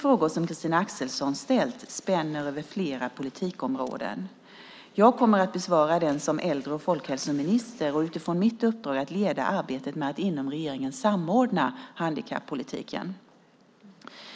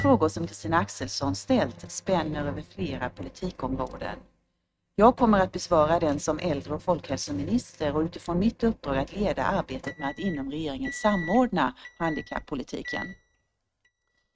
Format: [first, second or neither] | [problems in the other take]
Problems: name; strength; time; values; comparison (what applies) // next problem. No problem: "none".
first | noise reduction (neural mask model RNNoise)